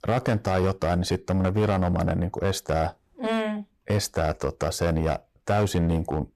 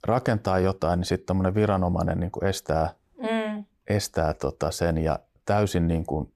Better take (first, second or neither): second